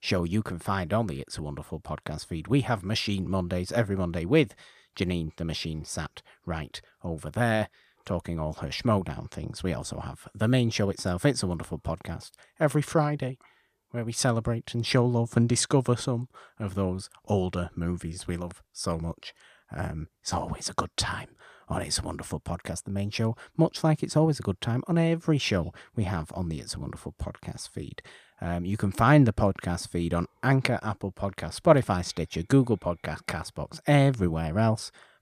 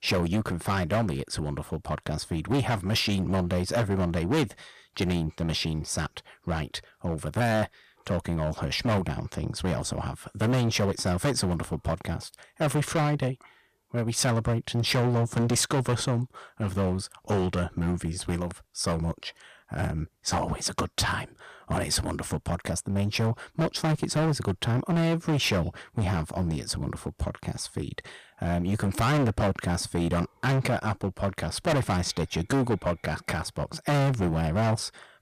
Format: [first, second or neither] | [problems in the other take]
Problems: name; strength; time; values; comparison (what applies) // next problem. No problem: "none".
first | distortion; heavy; 13% of the sound clipped